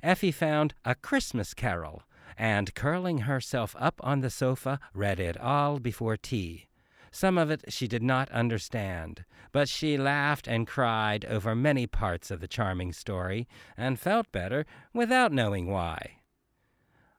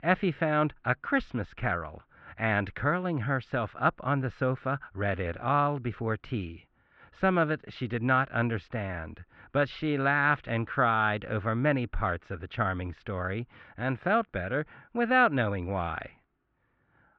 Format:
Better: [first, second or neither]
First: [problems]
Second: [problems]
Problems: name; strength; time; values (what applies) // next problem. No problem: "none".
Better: first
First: none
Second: muffled; very; fading above 3 kHz